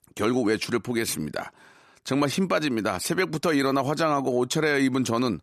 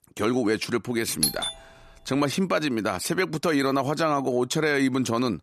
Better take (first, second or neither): first